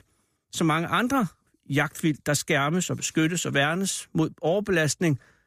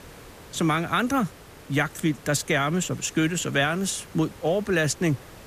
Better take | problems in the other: first | hiss; faint; throughout; 20 dB below the speech

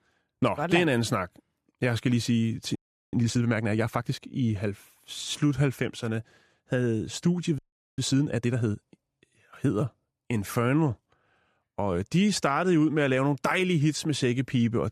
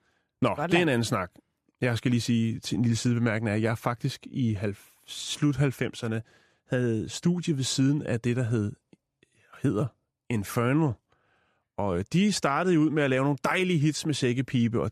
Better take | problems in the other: second | audio freezing; at 3 s and at 7.5 s

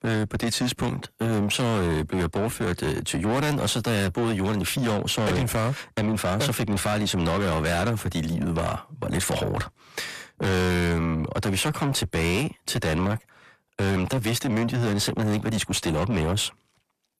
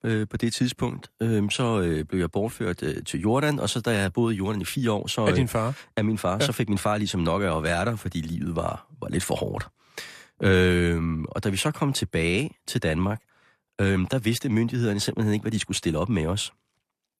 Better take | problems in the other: second | distortion; heavy; 7 dB below the speech

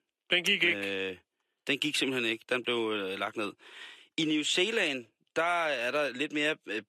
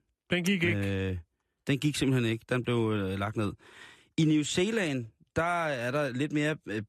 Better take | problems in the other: second | thin; somewhat; fading below 400 Hz

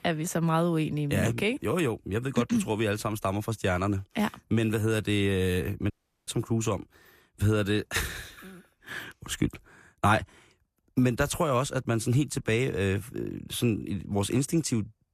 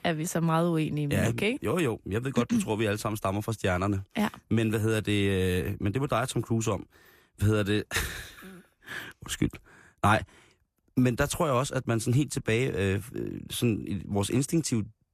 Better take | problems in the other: second | audio cutting out; at 6 s

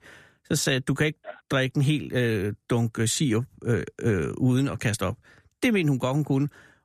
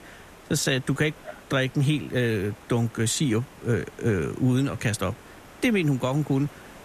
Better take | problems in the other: first | hiss; faint; throughout; 20 dB below the speech

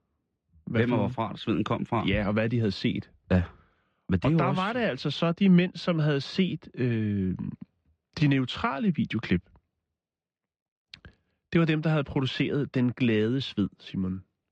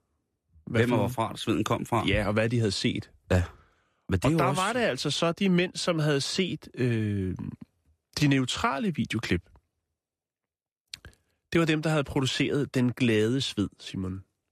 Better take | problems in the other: second | muffled; very slightly; fading above 4 kHz

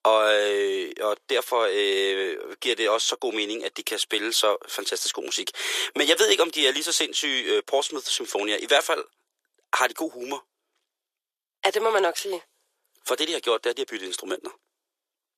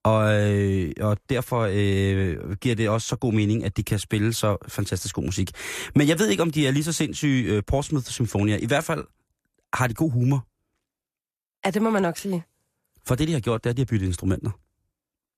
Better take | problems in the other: second | thin; very; fading below 400 Hz

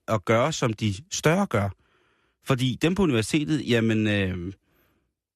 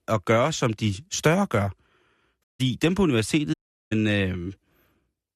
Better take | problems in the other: first | audio cutting out; at 2.5 s and at 3.5 s

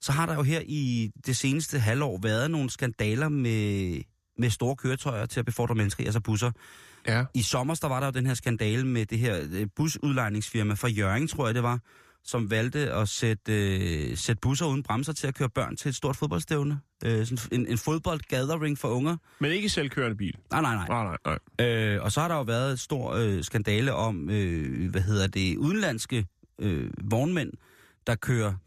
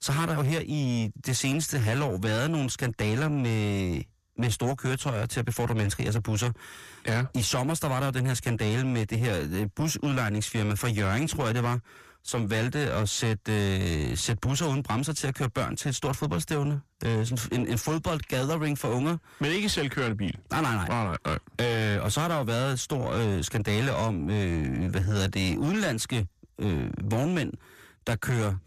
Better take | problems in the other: first | distortion; slight; 10 dB below the speech

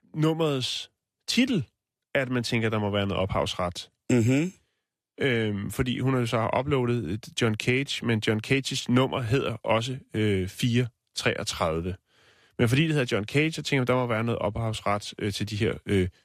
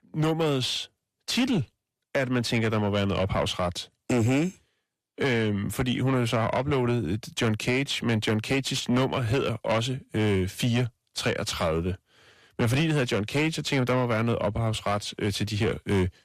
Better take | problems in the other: first | distortion; slight; 10 dB below the speech

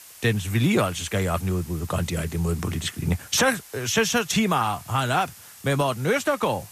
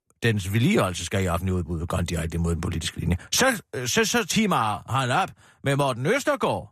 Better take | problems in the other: second | hiss; noticeable; throughout; 20 dB below the speech

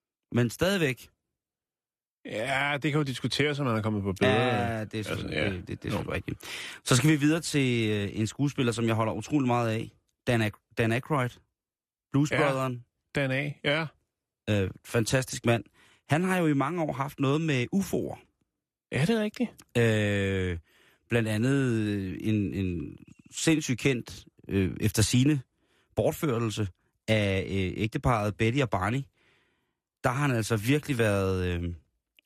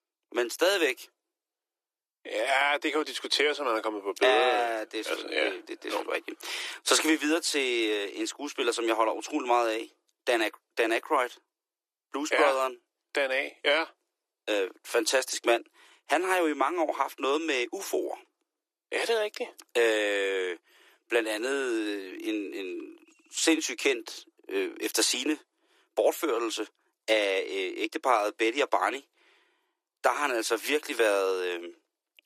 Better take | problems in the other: first | thin; very; fading below 350 Hz

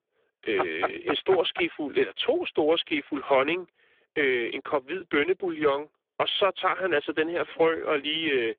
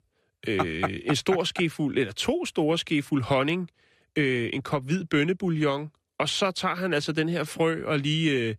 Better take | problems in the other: second | phone-call audio; poor line; nothing above 3.5 kHz

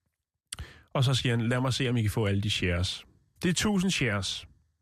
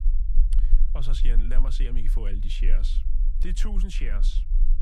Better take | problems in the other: first | low rumble; noticeable; throughout; 10 dB below the speech

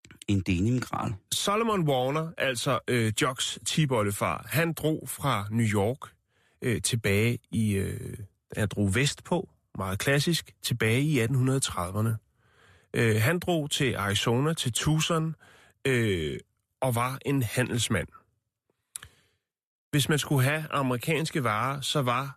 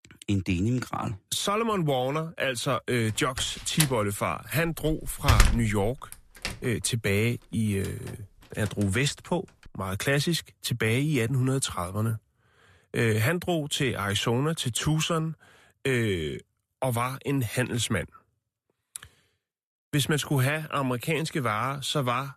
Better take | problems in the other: first | door banging; loud; from 3.5 to 6.5 s; peak 5 dB above the speech

